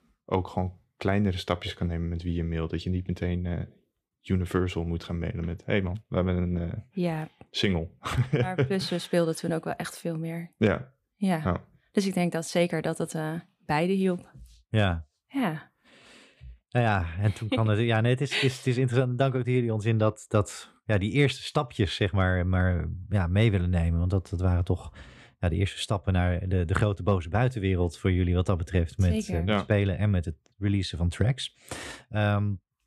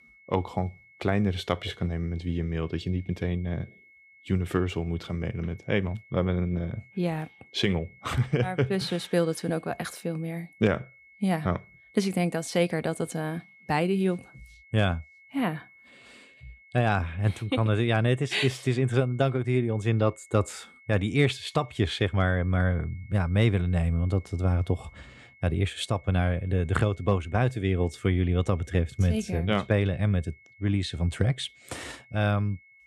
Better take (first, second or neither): first